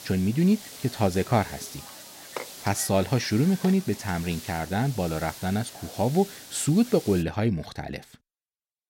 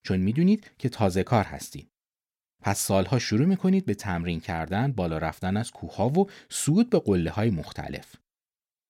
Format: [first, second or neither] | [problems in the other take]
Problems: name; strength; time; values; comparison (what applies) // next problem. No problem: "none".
second | hiss; noticeable; until 7 s; 15 dB below the speech